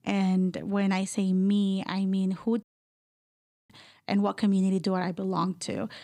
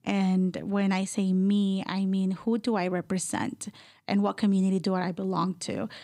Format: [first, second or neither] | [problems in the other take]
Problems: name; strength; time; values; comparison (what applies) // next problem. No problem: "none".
second | audio cutting out; at 2.5 s for 1 s